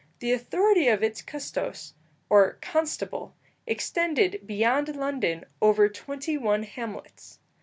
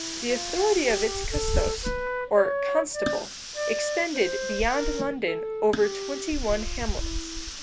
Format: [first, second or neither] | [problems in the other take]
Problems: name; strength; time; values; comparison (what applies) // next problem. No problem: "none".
first | background sound (Hiss + Wind instrument, woodwind instrument); 1 dB below the speech